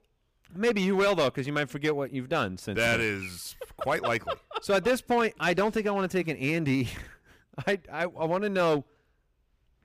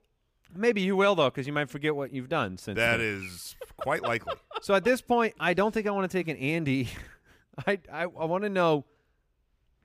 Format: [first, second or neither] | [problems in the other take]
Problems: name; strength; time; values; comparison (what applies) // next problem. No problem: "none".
second | distortion; slight; 5% of the sound clipped